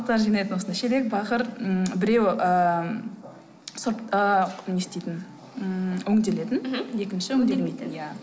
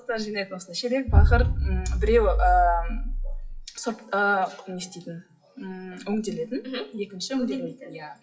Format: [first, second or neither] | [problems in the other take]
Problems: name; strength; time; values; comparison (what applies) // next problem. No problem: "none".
first | noise reduction (classical method WPE with log-MMSE)